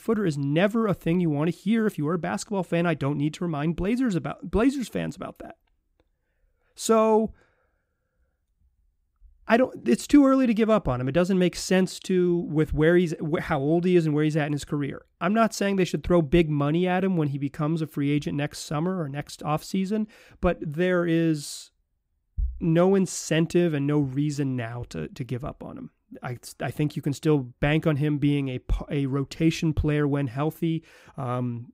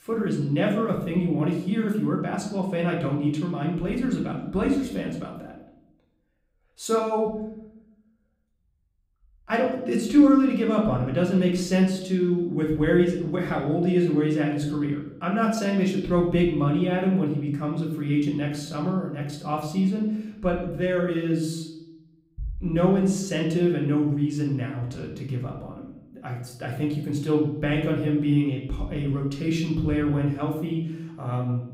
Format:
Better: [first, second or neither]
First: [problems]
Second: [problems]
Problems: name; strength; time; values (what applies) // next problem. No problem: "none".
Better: first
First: none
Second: room echo; slight; dies away in 0.7 s // off-mic speech; somewhat distant